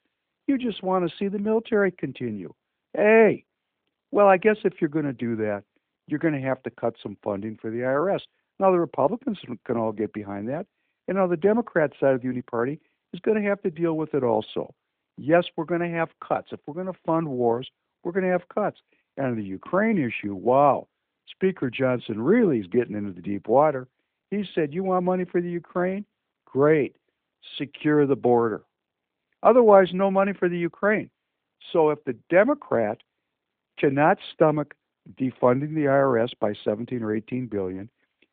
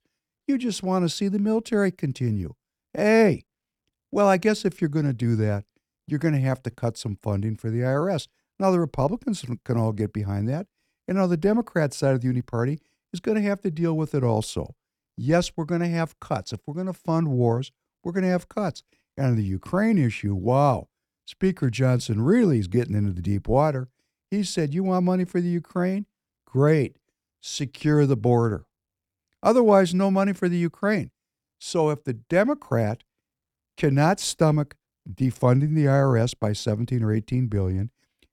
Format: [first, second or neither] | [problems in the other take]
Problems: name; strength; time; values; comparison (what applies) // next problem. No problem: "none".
second | phone-call audio; nothing above 3.5 kHz